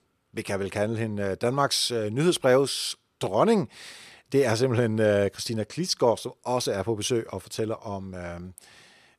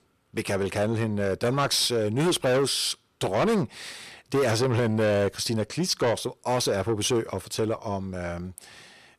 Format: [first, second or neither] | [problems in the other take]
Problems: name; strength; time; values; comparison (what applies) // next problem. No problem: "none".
first | distortion; heavy; 8 dB below the speech